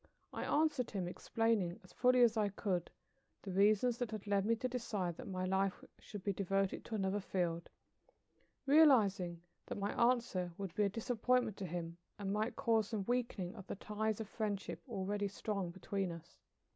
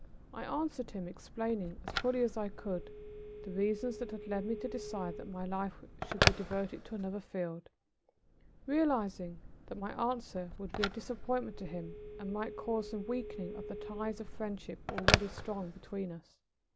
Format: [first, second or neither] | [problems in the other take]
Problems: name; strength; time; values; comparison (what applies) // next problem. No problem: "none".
first | background sound (Telephone); 2 dB below the speech